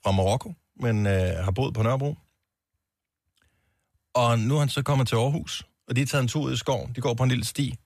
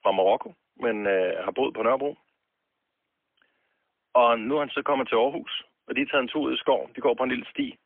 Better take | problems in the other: first | phone-call audio; poor line; nothing above 3.5 kHz

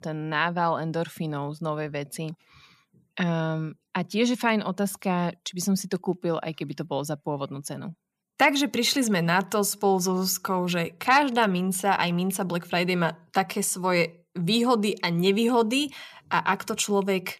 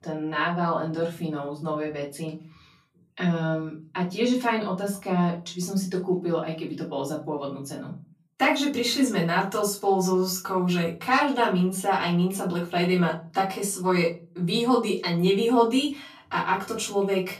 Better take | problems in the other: first | off-mic speech; far // room echo; slight; dies away in 0.3 s

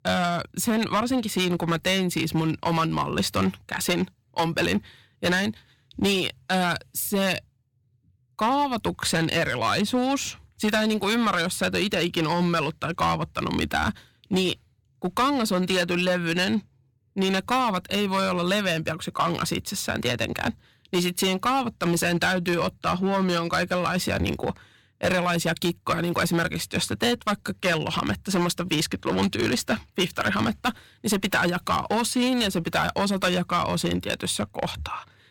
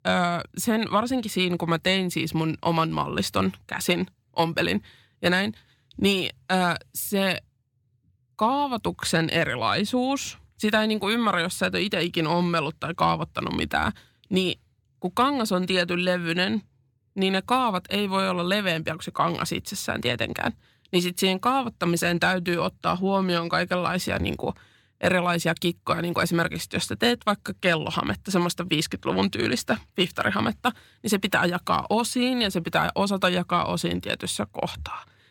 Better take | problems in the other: second | distortion; slight; 7% of the sound clipped

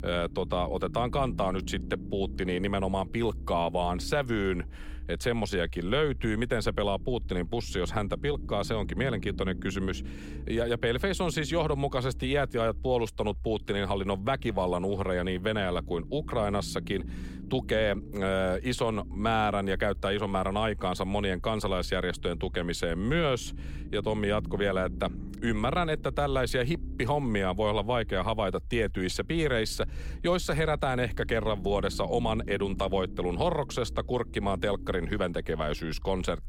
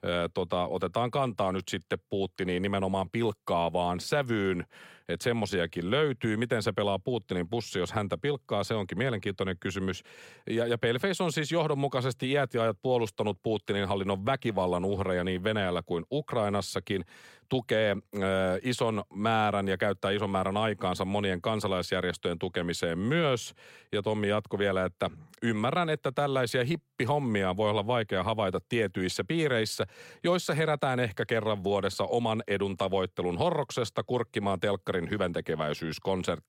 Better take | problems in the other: second | low rumble; faint; throughout; 20 dB below the speech

